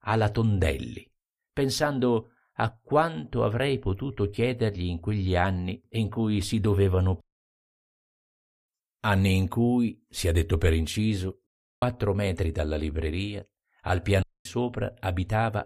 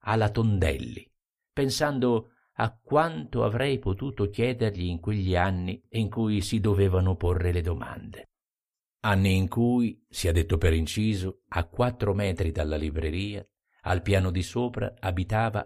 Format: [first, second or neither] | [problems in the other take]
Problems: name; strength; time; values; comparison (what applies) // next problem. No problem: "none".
second | audio cutting out; at 7 s for 1.5 s, at 11 s and at 14 s